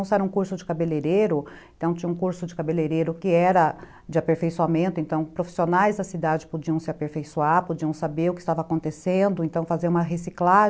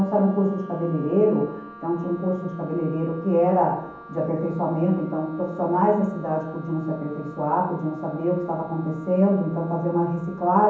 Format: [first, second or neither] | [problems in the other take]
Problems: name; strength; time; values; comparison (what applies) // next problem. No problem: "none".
first | background sound (Wind instrument, woodwind instrument); 20 dB below the speech // room echo; dies away in 1.2 s